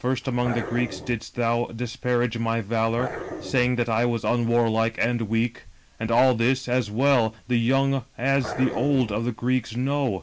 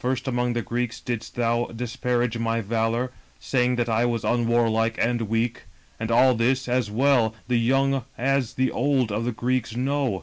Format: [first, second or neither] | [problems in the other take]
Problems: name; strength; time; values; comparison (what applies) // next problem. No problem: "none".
second | background sound (Growling); 11 dB below the speech